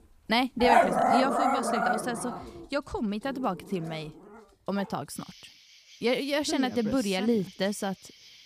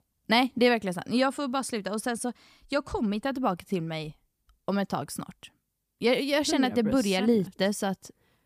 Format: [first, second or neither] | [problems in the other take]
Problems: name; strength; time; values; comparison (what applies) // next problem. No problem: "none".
second | animal sounds; very loud; throughout; 4 dB above the speech